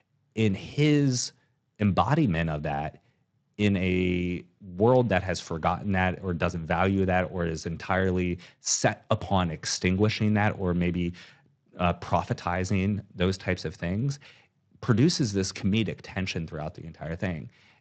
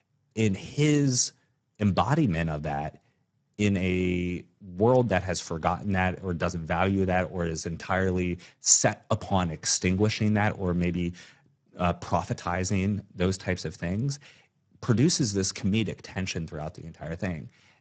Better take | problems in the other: first | garbled, watery; badly; nothing above 7.5 kHz; slightly in the first

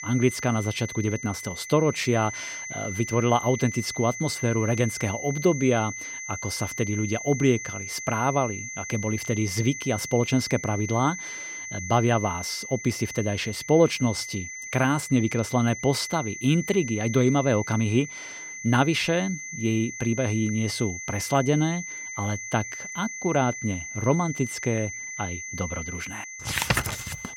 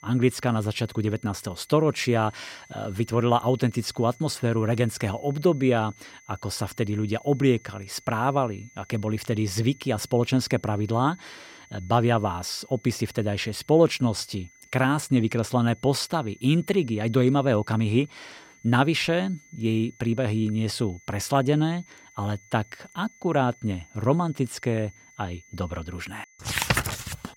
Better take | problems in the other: second | high-pitched whine; loud; throughout; 2 kHz, 8 dB below the speech; faint in the second

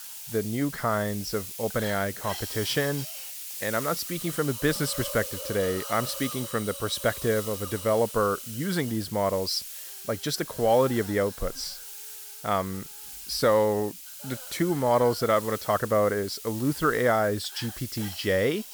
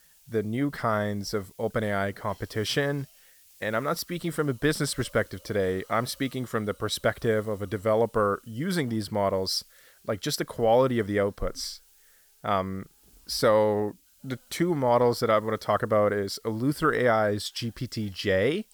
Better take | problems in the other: second | hiss; loud; throughout; 9 dB below the speech; faint in the second

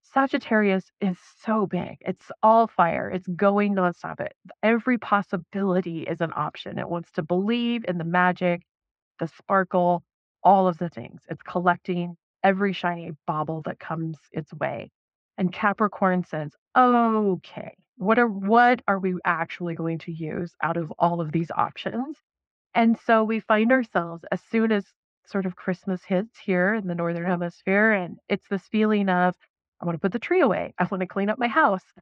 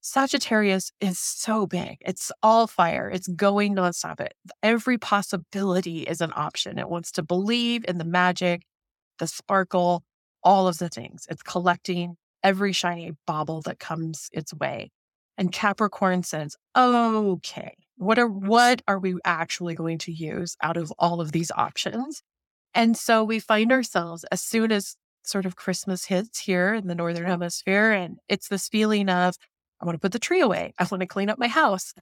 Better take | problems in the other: second | muffled; very; fading above 2.5 kHz

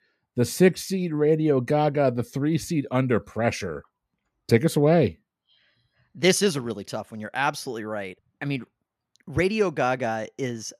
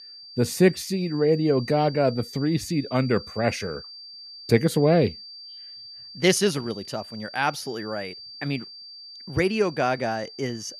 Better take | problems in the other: first | high-pitched whine; noticeable; throughout; 4.5 kHz, 15 dB below the speech

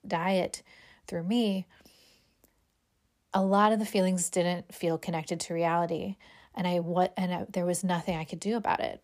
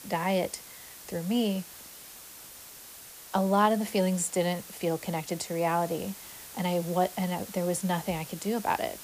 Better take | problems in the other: first | hiss; noticeable; throughout; 15 dB below the speech

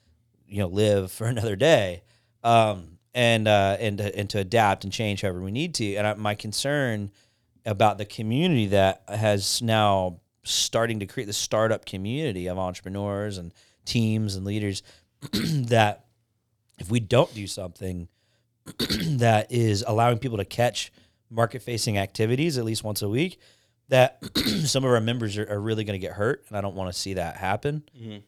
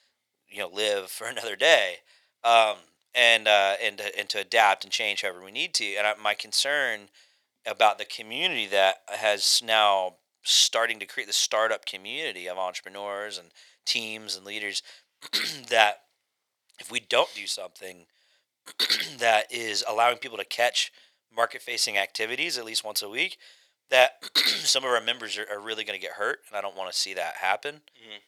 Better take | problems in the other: first | thin; very; fading below 750 Hz

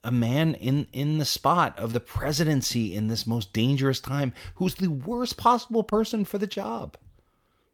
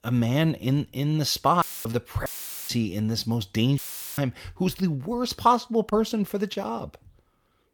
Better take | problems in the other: first | audio cutting out; filled with static; at 1.5 s, at 2.5 s and at 4 s

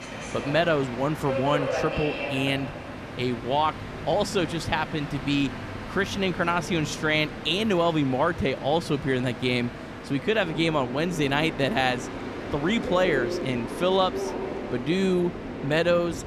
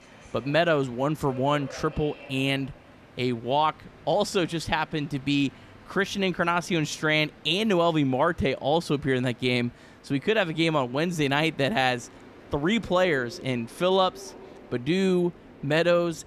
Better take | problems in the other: second | train or aircraft noise; loud; throughout; 8 dB below the speech; faint in the second

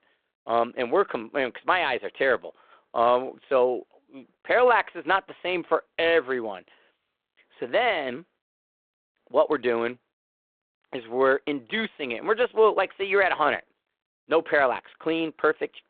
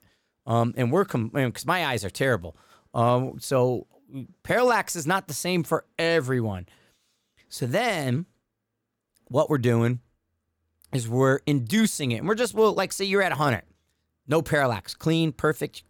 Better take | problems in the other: second | phone-call audio

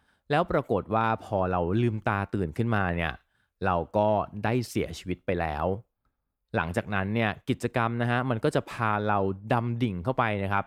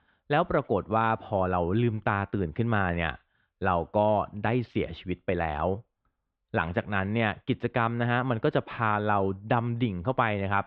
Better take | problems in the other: first | muffled; very; fading above 3.5 kHz

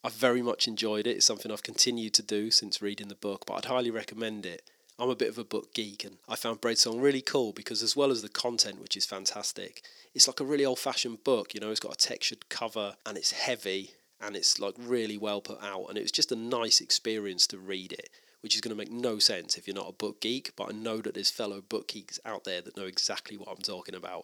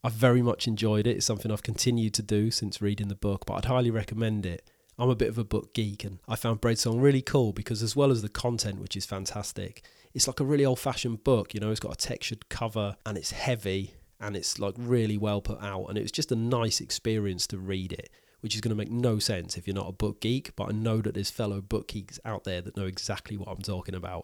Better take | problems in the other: second | thin; somewhat; fading below 250 Hz

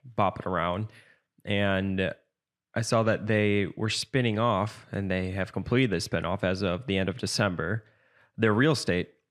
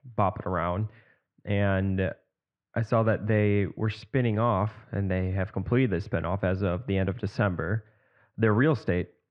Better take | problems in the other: first | muffled; very; fading above 2 kHz

